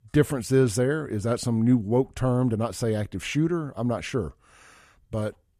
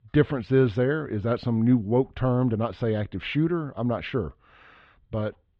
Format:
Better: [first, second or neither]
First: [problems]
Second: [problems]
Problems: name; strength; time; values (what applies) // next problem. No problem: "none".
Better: first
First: none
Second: muffled; very; fading above 3.5 kHz